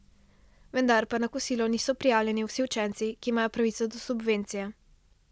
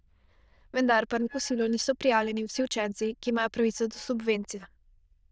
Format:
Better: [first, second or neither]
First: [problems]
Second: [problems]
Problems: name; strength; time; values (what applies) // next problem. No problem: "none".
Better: first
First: none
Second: noise reduction (neural diffusion model UNIVERSE++)